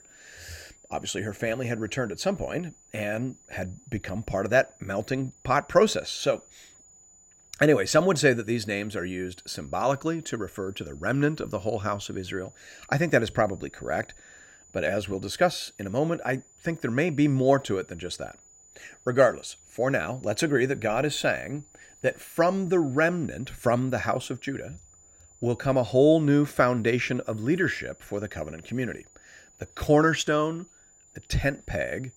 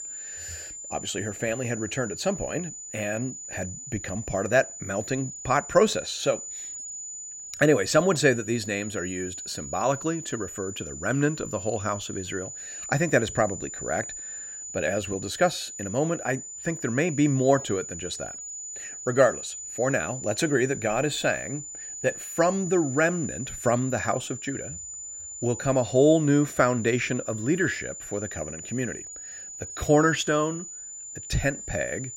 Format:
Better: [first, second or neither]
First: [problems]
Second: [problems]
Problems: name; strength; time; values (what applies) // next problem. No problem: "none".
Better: first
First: high-pitched whine; faint; throughout; 7 kHz, 25 dB below the speech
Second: high-pitched whine; loud; throughout; 7 kHz, 9 dB below the speech